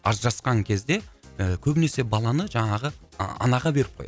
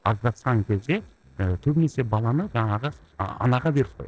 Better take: first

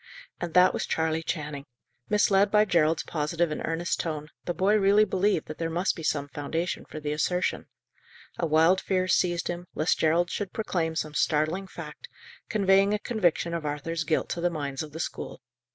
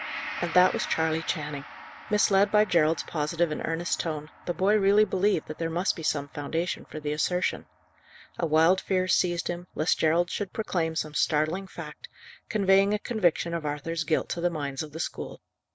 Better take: first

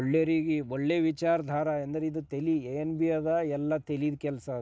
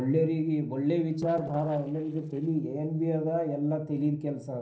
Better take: first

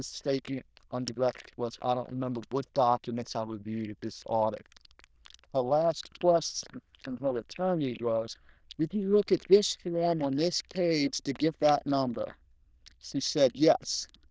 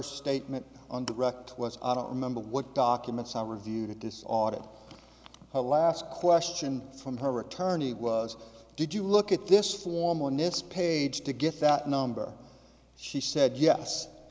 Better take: second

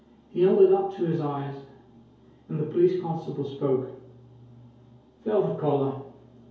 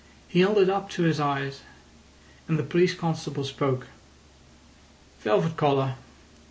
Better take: second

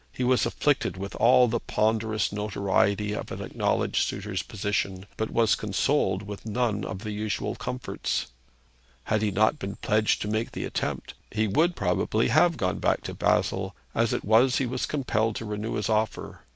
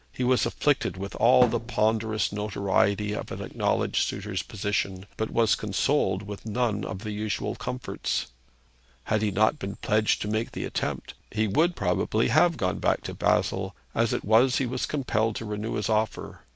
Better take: first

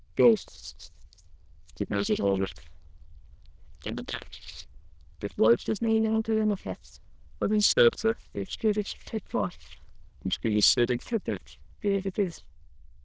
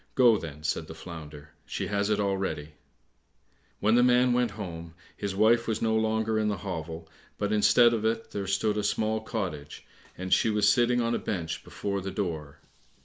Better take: second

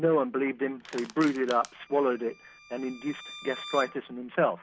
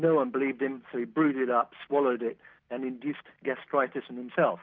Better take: second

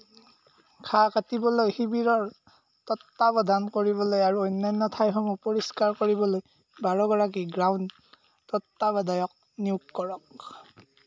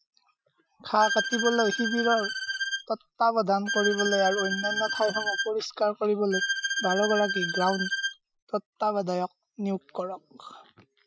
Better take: first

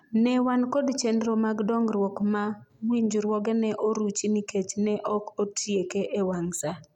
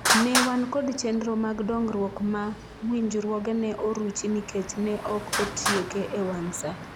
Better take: first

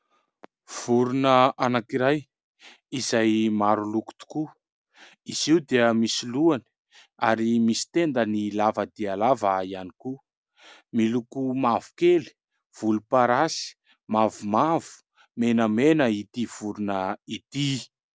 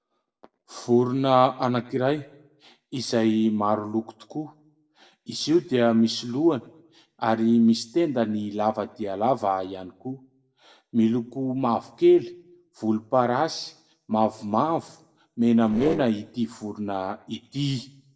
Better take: first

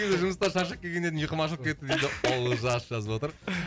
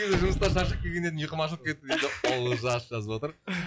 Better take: first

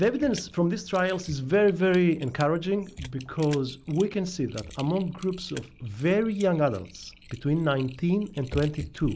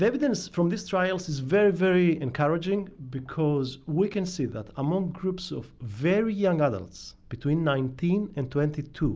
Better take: second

